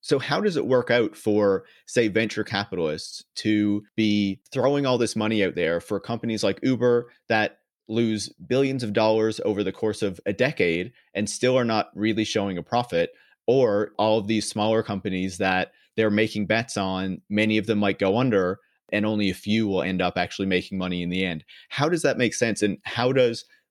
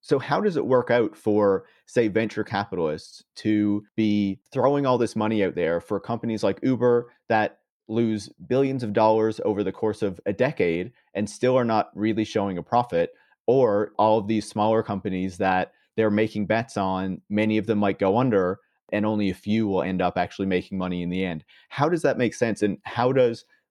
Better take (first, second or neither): first